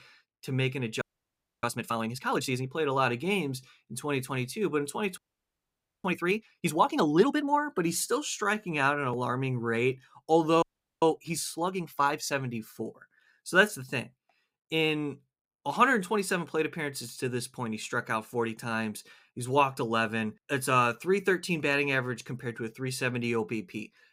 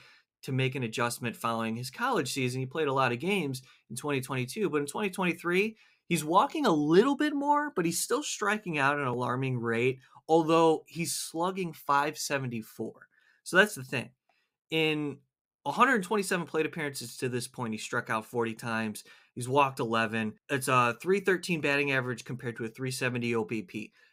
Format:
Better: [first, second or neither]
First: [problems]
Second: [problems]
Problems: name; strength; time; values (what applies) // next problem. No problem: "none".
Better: second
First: audio freezing; at 1 s for 0.5 s, at 5 s for 1 s and at 11 s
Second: none